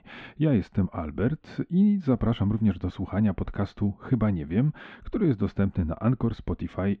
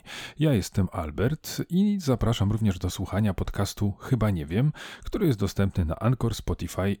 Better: second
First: muffled; very; fading above 2.5 kHz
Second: none

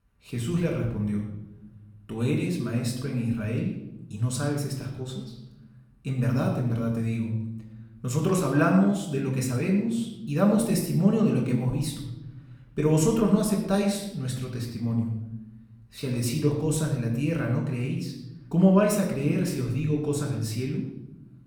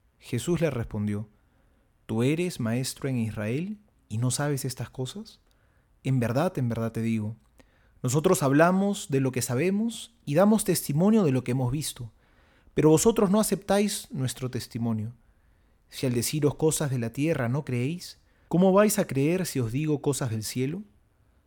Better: second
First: off-mic speech; far // room echo; noticeable; dies away in 0.9 s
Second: none

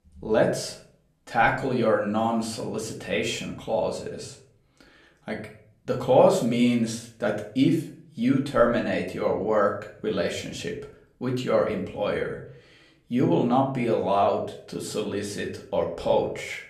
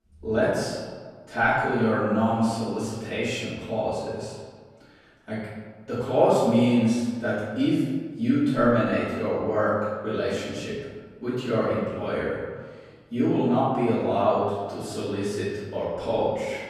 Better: first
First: room echo; slight; dies away in 0.4 s // off-mic speech; far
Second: room echo; strong; dies away in 1.4 s // off-mic speech; far

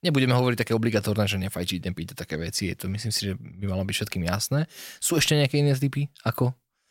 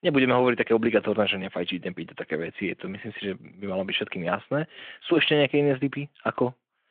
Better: first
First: none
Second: phone-call audio; nothing above 3.5 kHz

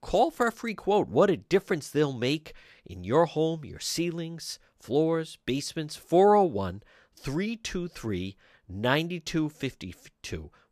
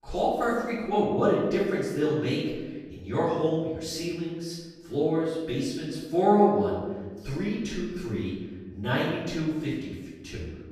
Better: first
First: none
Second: off-mic speech; far // room echo; noticeable; dies away in 1.3 s

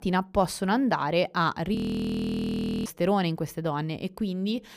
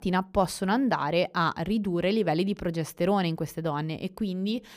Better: second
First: audio freezing; at 2 s for 1 s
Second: none

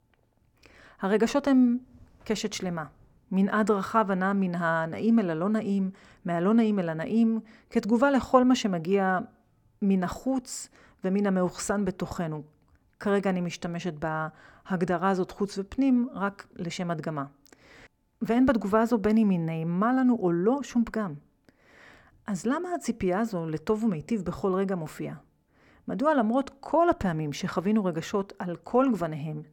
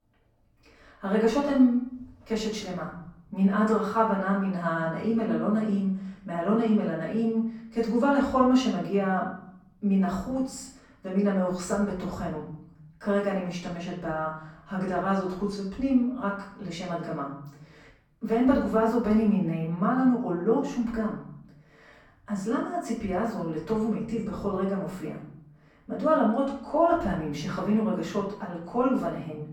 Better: first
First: none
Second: off-mic speech; far // room echo; noticeable; dies away in 0.6 s

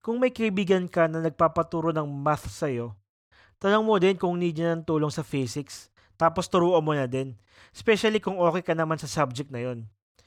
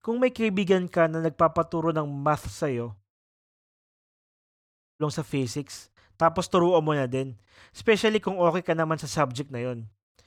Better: first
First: none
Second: audio cutting out; at 3 s for 2 s

